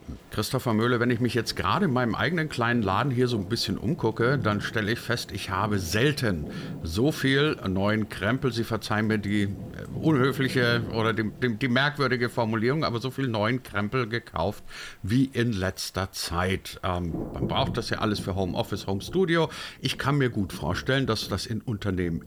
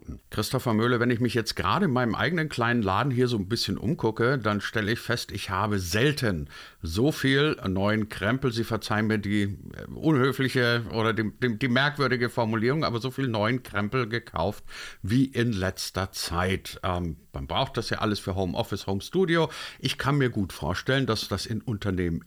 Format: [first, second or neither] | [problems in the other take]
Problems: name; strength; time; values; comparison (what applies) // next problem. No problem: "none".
second | rain or running water; noticeable; throughout; 15 dB below the speech